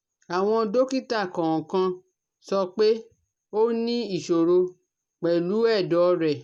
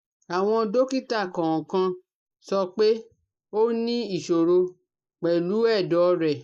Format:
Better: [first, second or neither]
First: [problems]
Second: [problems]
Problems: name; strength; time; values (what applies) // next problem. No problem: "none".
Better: first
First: none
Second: noise reduction (neural mask model Resemble Enhance denoiser)